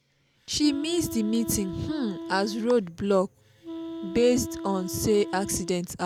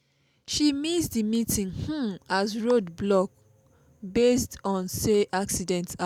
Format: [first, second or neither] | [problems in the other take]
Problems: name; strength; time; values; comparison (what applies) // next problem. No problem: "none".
second | background sound (Wind instrument, woodwind instrument); 11 dB below the speech